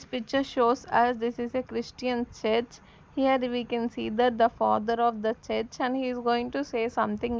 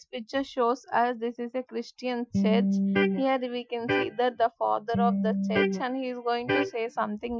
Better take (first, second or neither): first